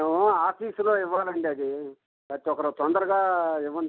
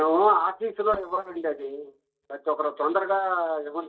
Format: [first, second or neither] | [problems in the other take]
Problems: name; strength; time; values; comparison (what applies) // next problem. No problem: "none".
first | noise reduction (neural mask model DeepFilterNet 3)